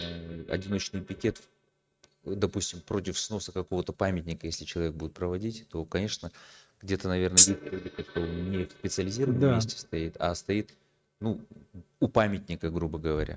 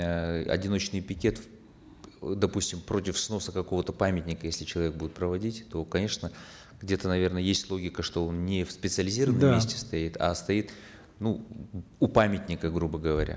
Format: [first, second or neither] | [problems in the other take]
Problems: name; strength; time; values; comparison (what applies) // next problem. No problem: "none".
second | noise reduction (neural mask model RNNoise)